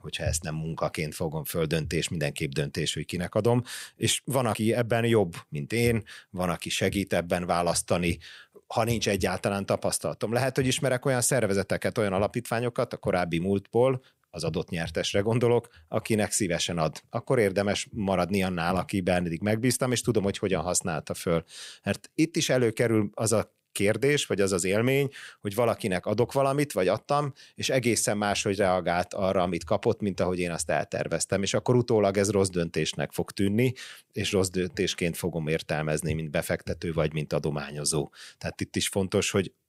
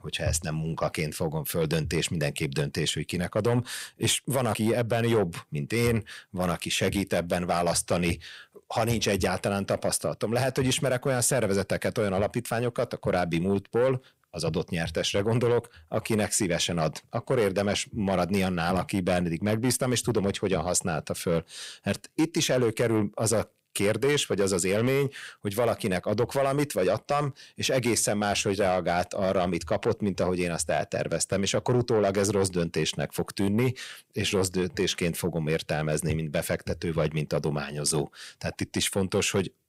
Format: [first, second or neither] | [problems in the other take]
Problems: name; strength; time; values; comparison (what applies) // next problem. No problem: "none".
first | distortion; slight; 10 dB below the speech